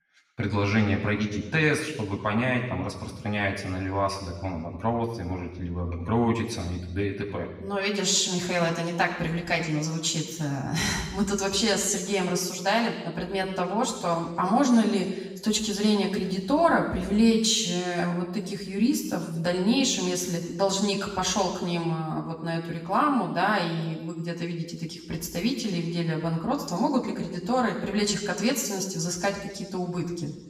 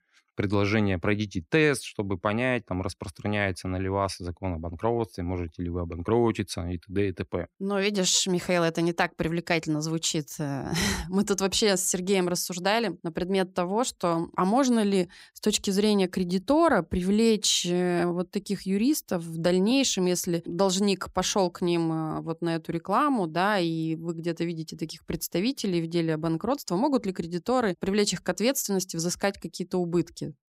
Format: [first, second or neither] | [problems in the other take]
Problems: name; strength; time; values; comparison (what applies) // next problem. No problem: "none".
second | room echo; noticeable; dies away in 1 s // off-mic speech; somewhat distant